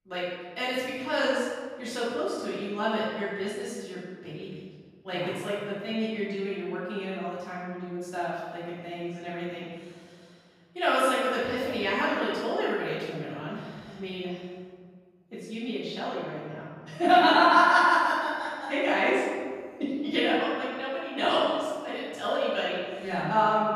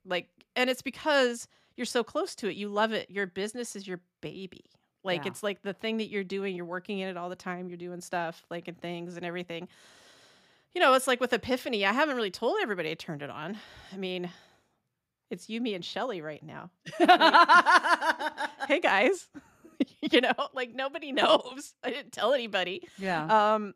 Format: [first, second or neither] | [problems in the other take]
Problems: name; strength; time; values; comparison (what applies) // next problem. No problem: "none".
second | room echo; strong; dies away in 1.5 s // off-mic speech; far